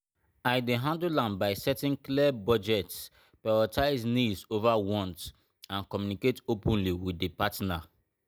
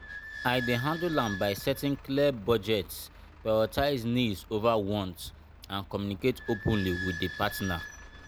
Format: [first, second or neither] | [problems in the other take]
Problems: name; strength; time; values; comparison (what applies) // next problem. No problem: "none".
first | background sound (Squeak / Idling); 13 dB below the speech